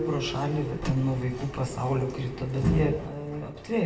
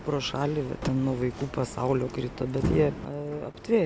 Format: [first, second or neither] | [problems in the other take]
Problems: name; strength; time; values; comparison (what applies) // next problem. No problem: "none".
second | background sound (Marimba, xylophone); 15 dB below the speech // room echo; dies away in 0.6 s